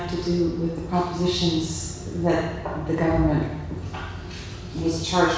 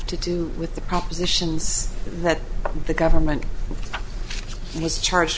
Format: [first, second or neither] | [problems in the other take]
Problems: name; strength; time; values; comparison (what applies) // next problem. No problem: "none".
second | room echo; dies away in 1.1 s